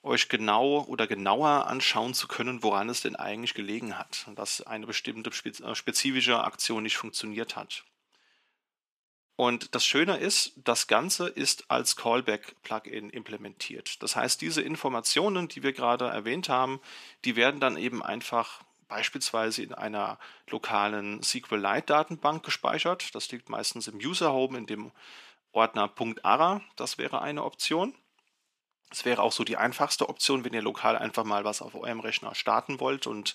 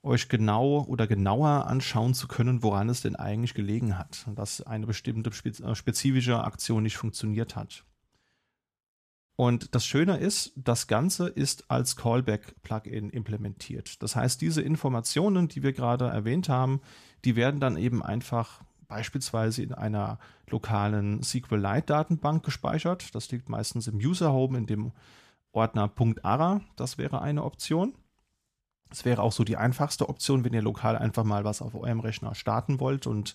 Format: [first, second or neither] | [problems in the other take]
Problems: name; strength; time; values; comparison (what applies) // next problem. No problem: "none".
second | thin; somewhat; fading below 300 Hz